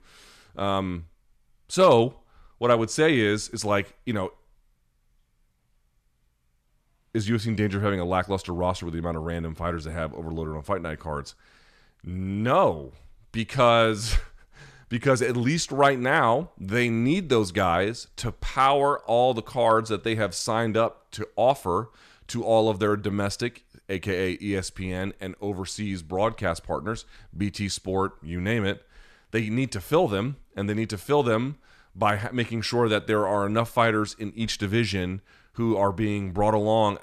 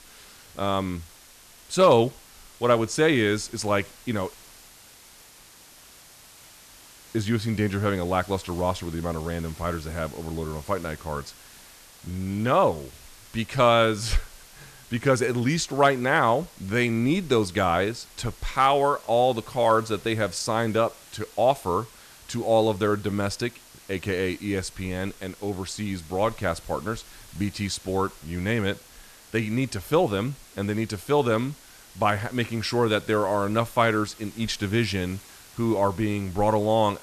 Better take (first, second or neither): first